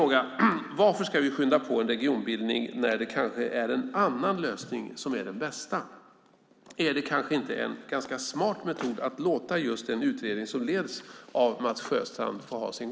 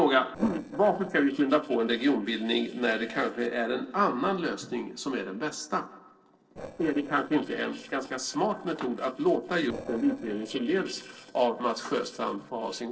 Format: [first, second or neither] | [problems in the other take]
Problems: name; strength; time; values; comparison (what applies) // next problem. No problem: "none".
first | noise reduction (neural separator model SepFormer DNS4)